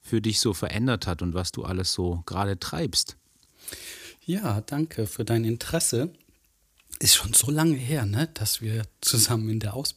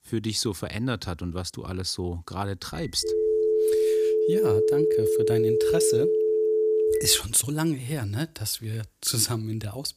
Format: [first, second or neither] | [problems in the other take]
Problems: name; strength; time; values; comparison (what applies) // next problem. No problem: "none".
first | phone ringing; loud; from 2.5 to 7 s; peak 6 dB above the speech